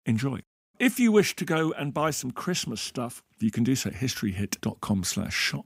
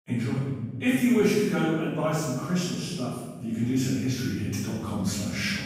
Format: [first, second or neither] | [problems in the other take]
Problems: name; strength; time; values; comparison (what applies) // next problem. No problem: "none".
first | off-mic speech; far // room echo; strong; dies away in 1.8 s